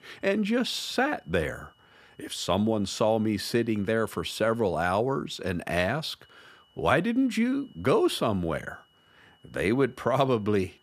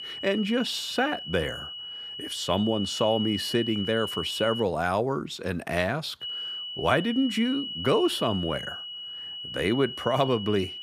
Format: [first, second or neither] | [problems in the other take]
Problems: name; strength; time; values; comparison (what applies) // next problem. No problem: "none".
first | high-pitched whine; loud; until 4.5 s and from 6 s on; 3 kHz, 7 dB below the speech; faint in the first